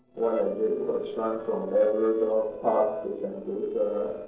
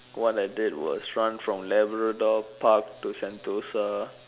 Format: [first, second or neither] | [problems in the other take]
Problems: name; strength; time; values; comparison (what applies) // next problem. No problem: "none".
second | noise reduction (neural separator model SepFormer DNS4)